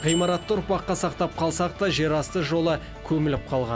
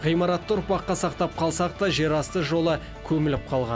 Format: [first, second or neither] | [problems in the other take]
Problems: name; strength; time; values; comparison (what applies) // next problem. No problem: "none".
second | background sound (Bicycle bell); 17 dB below the speech